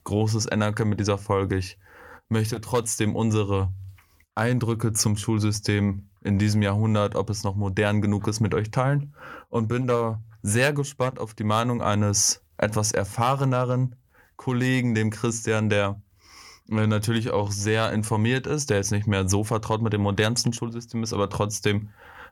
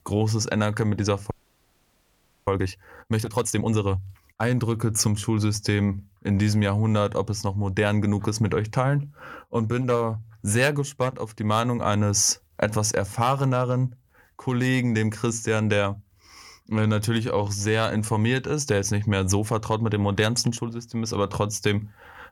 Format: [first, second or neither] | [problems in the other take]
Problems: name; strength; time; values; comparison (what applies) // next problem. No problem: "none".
first | audio freezing; at 1.5 s for 1 s